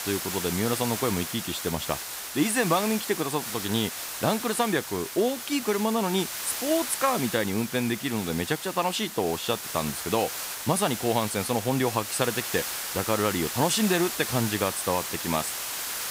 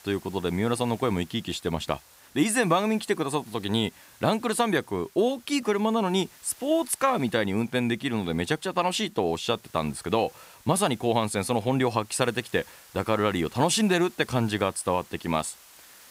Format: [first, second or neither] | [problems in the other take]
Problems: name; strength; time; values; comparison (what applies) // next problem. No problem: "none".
second | hiss; loud; throughout; 5 dB below the speech; faint in the second